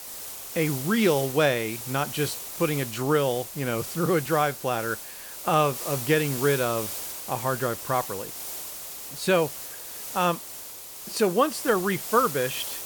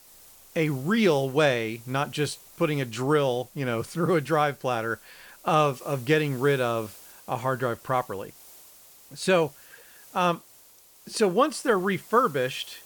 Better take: second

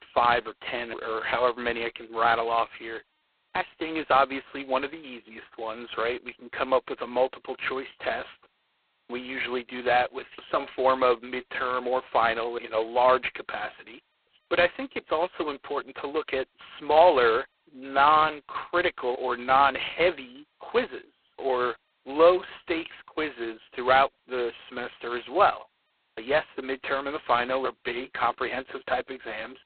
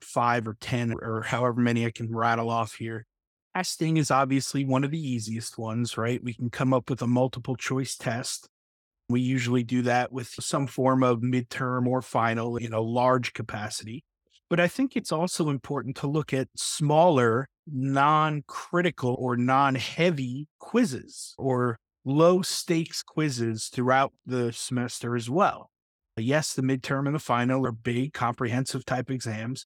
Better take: second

